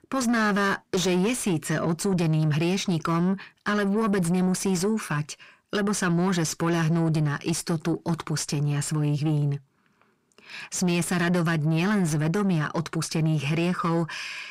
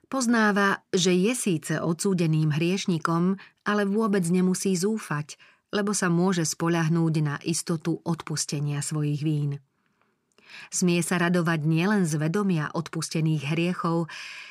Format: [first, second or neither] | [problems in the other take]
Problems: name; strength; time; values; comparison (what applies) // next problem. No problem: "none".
second | distortion; slight; 10 dB below the speech